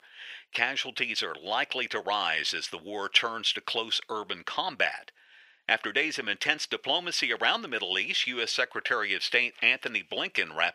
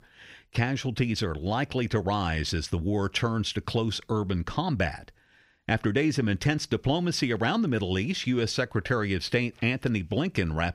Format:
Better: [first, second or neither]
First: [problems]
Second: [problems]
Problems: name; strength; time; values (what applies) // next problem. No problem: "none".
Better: second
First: thin; very; fading below 600 Hz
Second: none